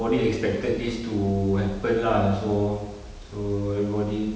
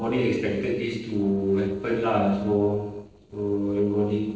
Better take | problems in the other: first | noise reduction (neural separator model SepFormer DNS4)

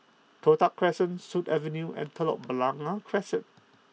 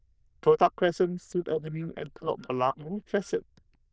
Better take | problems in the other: first | noise reduction (neural diffusion model UNIVERSE++)

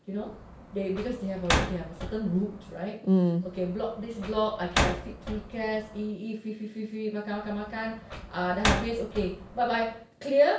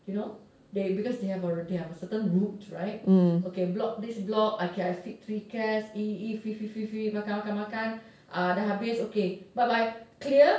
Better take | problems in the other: second | background sound (Slam); 5 dB below the speech

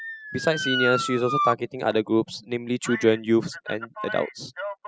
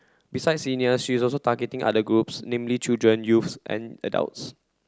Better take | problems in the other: second | noise reduction (classical method spectral subtraction)

